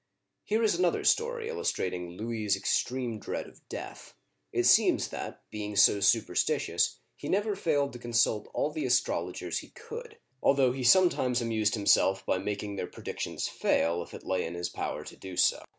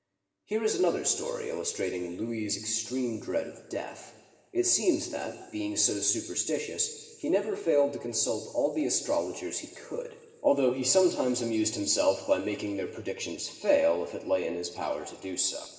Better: first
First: none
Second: room echo; dies away in 2 s

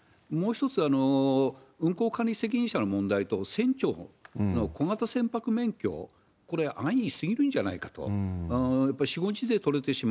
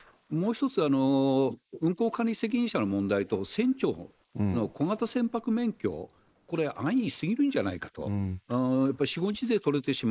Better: first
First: none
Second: noise reduction (neural mask model Resemble Enhance denoiser)

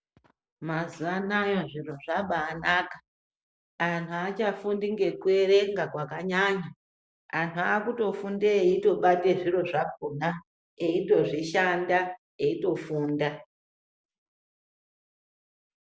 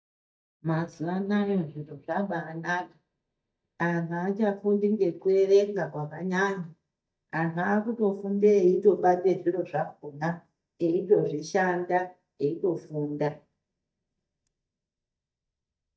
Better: first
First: none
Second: noise reduction (neural mask model DeepFilterNet 3)

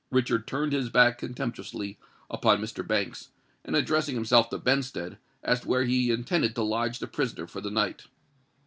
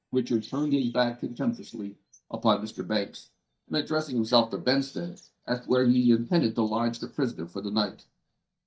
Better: first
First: none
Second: noise reduction (neural mask model DeepFilterNet 3)

